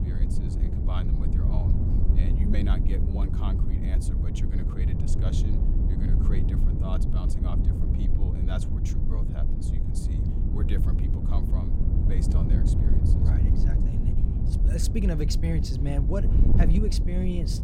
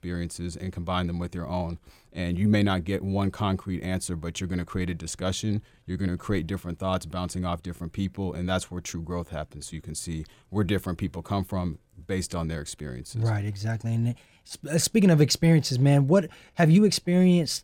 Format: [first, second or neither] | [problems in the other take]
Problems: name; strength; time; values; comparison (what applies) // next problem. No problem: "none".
second | wind noise on the microphone; heavy; as loud as the speech